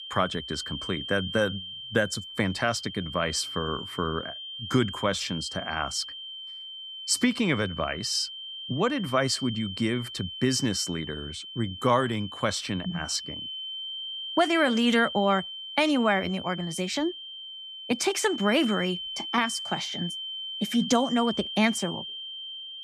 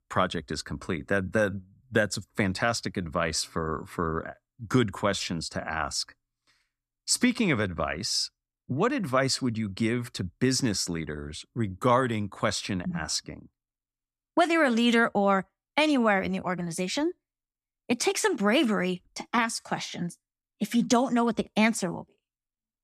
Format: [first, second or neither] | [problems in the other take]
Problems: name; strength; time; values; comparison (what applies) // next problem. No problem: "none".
second | high-pitched whine; loud; throughout; 3 kHz, 8 dB below the speech